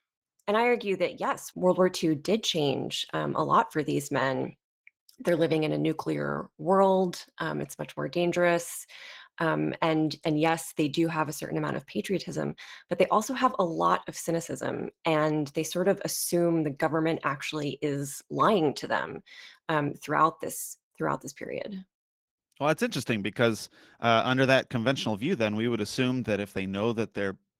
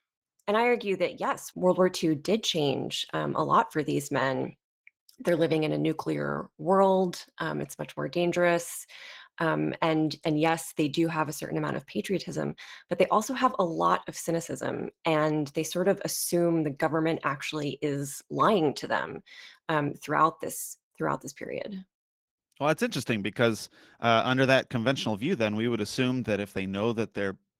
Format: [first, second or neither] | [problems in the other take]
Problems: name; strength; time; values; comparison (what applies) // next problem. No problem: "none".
neither | garbled, watery; slightly; nothing above 16.5 kHz; the same in both